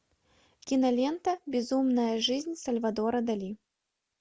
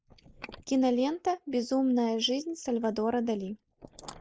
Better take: first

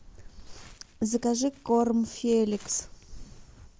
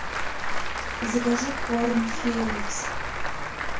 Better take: first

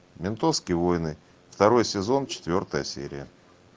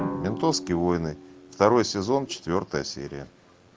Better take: first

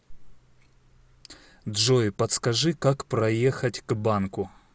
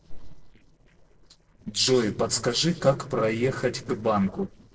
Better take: first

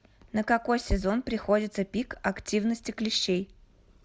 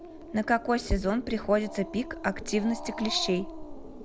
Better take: first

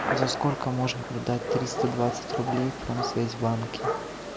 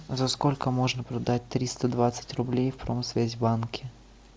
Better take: second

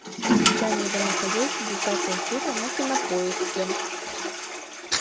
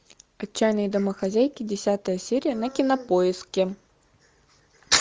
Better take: second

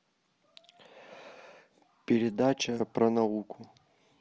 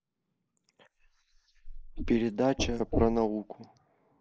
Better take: first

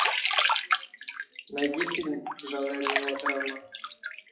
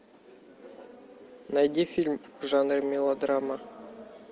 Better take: second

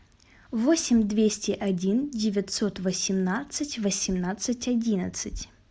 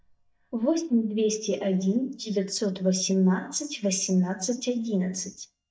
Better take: first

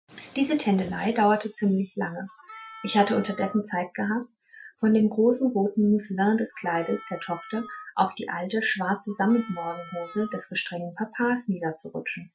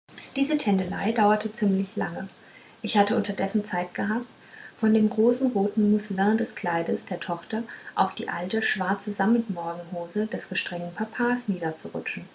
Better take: second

